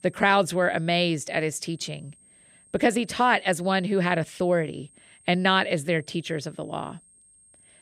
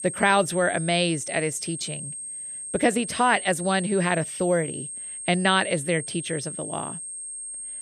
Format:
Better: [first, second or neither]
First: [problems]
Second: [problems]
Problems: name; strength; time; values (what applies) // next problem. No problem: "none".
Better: first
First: high-pitched whine; faint; throughout; 8.5 kHz, 30 dB below the speech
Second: high-pitched whine; loud; throughout; 8.5 kHz, 8 dB below the speech